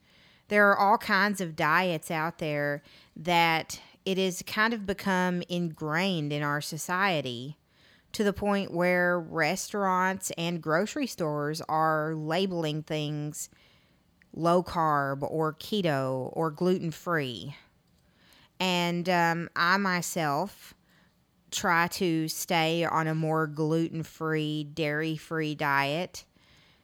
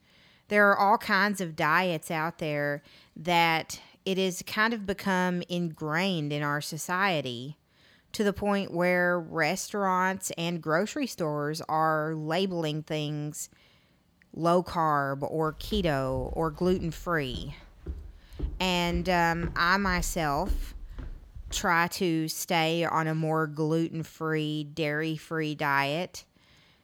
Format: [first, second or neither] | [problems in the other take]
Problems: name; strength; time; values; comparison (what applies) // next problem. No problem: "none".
first | footsteps; noticeable; from 16 to 22 s; peak 9 dB below the speech